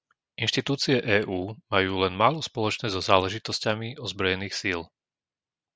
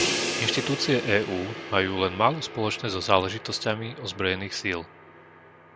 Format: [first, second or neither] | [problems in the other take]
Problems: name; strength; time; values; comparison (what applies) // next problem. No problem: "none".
first | background sound (Crash cymbal); 7 dB below the speech